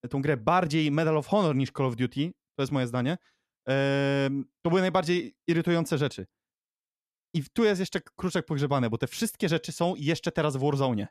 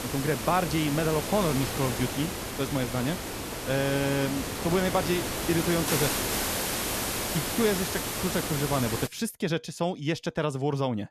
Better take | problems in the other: first | hiss; loud; until 9 s; 1 dB below the speech

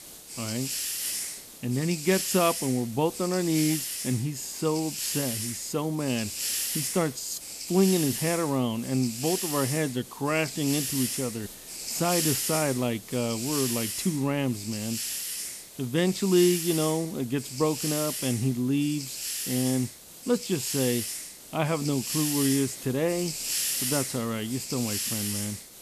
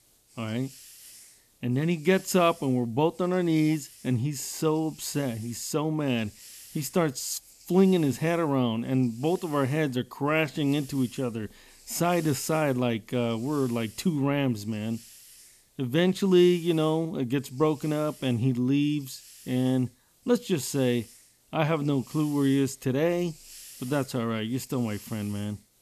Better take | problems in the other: second | hiss; loud; throughout; 3 dB below the speech; faint in the second

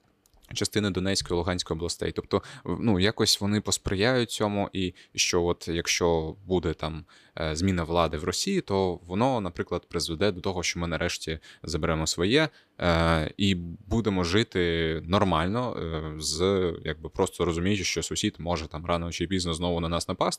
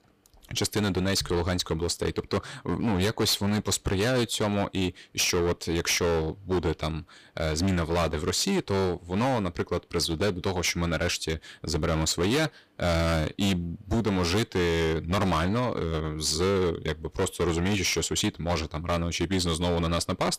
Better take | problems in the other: first | distortion; heavy; 16% of the sound clipped

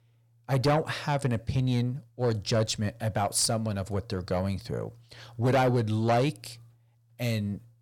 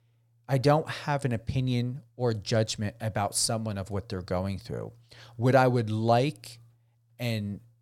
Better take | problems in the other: second | distortion; slight; 10 dB below the speech

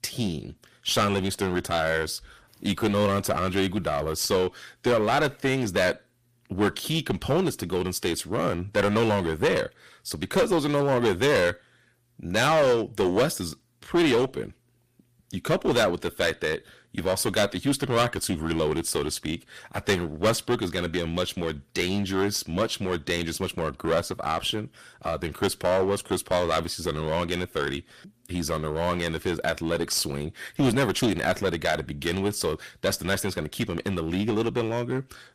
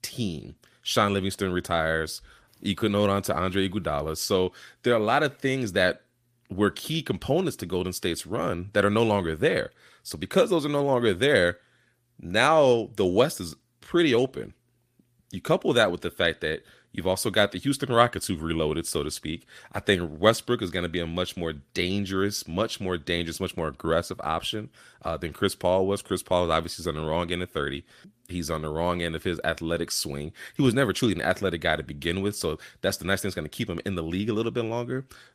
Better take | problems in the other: second | distortion; heavy; 8% of the sound clipped

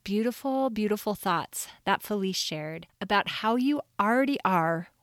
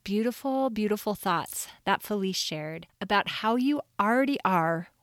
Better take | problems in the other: first | jangling keys; faint; at 1.5 s; peak 15 dB below the speech

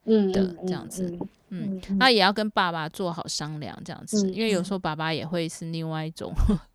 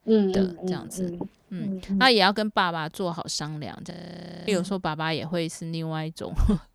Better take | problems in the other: first | audio freezing; at 4 s for 0.5 s

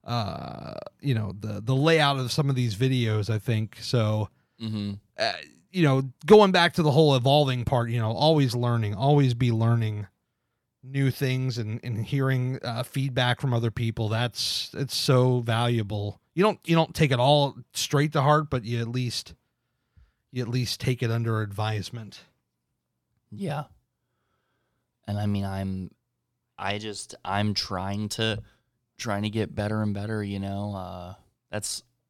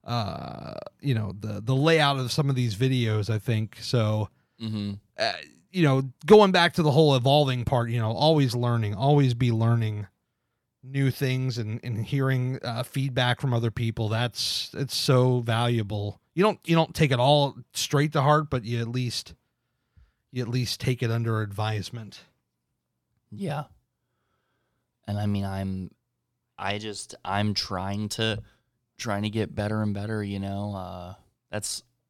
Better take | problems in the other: neither | none

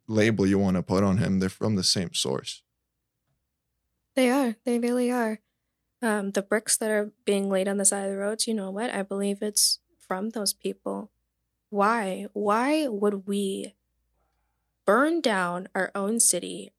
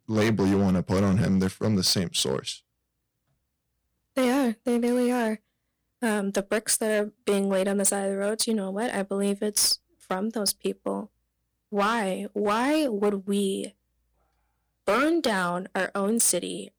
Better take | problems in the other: first | distortion; slight; 7% of the sound clipped

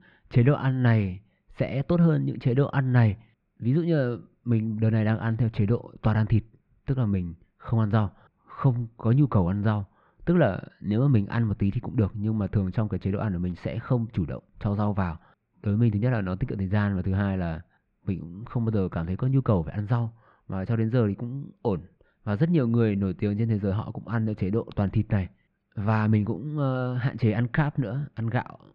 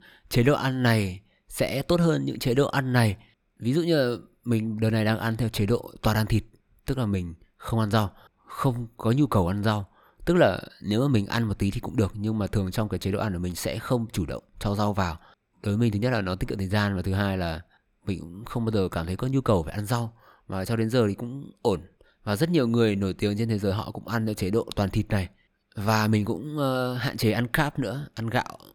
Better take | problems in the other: second | muffled; very; fading above 2.5 kHz

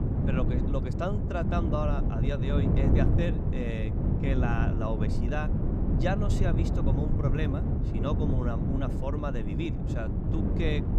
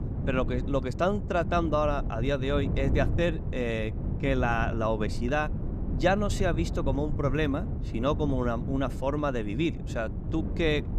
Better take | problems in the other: second | wind noise on the microphone; heavy; 2 dB below the speech; occasional gusts in the second

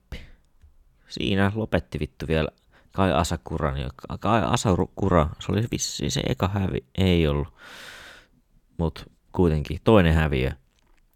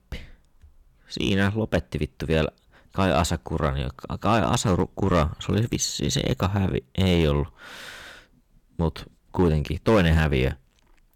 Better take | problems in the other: first | distortion; slight; 3% of the sound clipped

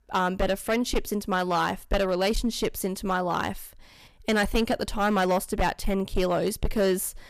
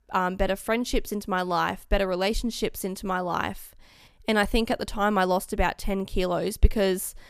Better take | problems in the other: second | distortion; heavy; 6% of the sound clipped

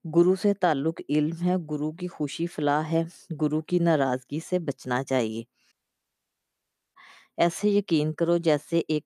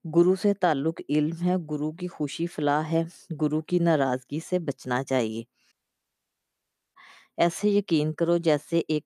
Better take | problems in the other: neither | audio cutting out; at 5.5 s for 1 s; the same in both

